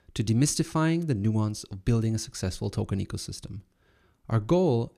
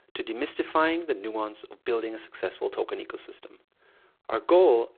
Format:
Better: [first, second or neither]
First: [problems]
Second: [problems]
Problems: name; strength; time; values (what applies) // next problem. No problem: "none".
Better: first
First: none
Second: phone-call audio; poor line; nothing above 4 kHz